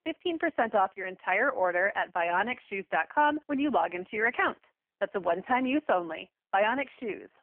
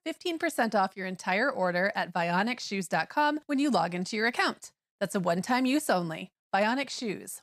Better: second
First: phone-call audio; poor line; nothing above 3 kHz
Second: none

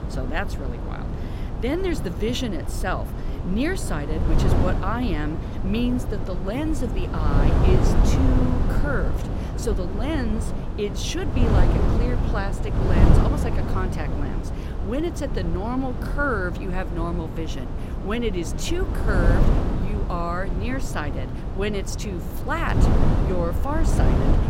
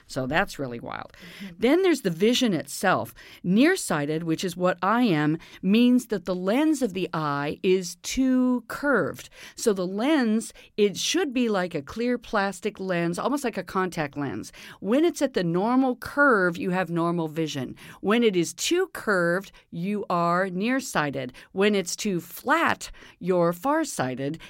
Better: second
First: wind noise on the microphone; heavy; 3 dB below the speech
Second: none

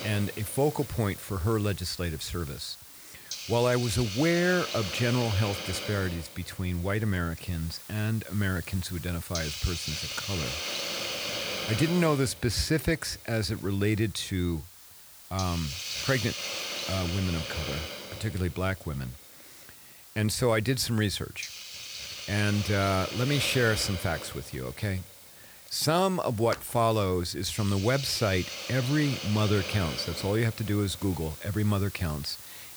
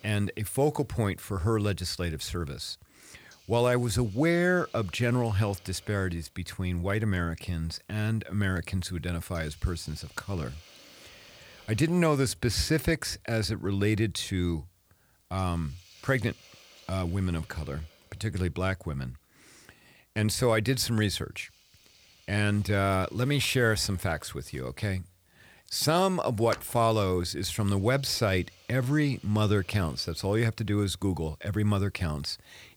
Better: second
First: hiss; loud; throughout; 7 dB below the speech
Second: hiss; faint; throughout; 30 dB below the speech

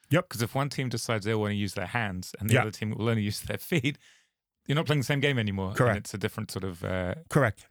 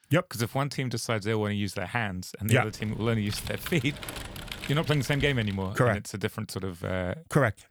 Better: first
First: none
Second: keyboard typing; noticeable; from 2.5 to 5.5 s; peak 9 dB below the speech

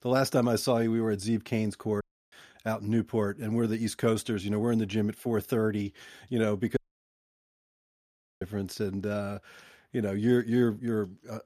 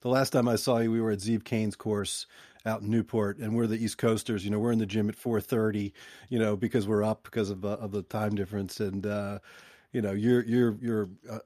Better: second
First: audio cutting out; at 2 s and at 7 s for 1.5 s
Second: none

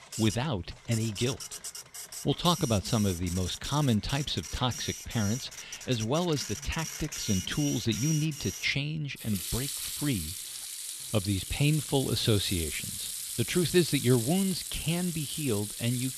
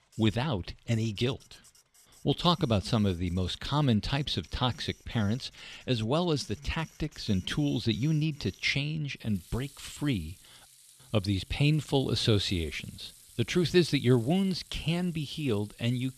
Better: second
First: household noises; loud; throughout; 6 dB below the speech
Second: household noises; faint; throughout; 25 dB below the speech

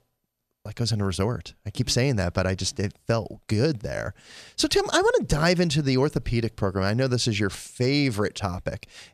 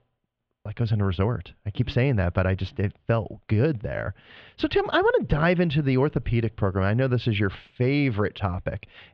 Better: first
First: none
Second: muffled; very; fading above 3.5 kHz

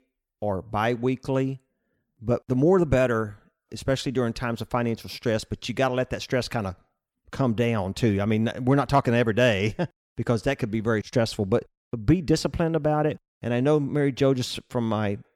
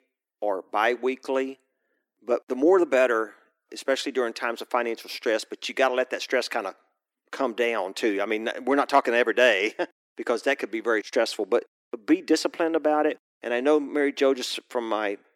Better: first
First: none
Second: thin; somewhat; fading below 300 Hz

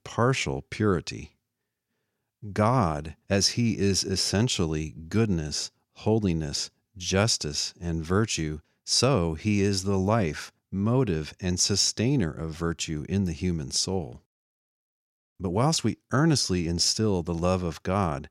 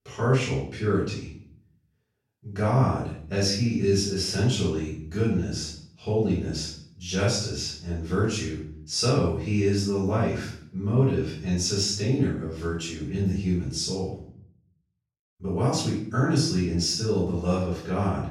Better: first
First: none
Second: off-mic speech; far // room echo; noticeable; dies away in 0.6 s

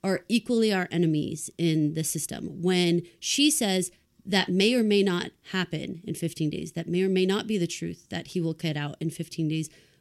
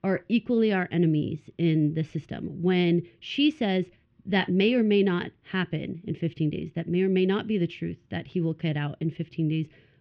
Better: first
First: none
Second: muffled; very; fading above 3 kHz

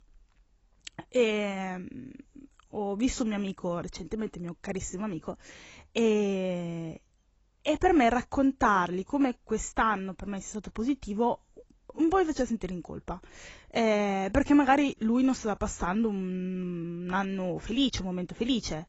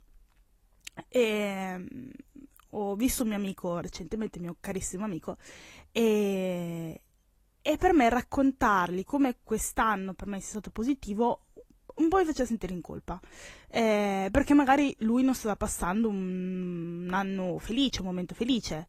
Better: second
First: garbled, watery; badly; nothing above 7.5 kHz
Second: garbled, watery; slightly; nothing above 13.5 kHz

